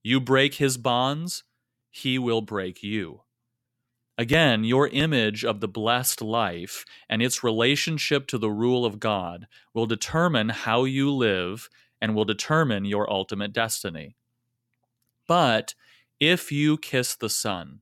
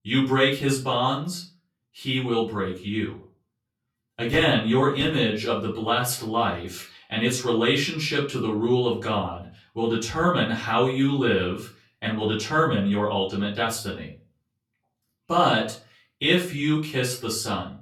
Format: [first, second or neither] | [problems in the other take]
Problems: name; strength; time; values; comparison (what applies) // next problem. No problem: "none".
first | room echo; slight; dies away in 0.3 s // off-mic speech; far